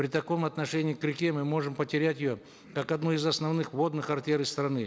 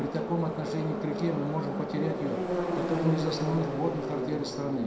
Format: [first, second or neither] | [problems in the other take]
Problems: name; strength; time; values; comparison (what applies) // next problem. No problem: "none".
first | background sound (Subway, metro, underground); 1 dB below the speech // room echo; dies away in 0.5 s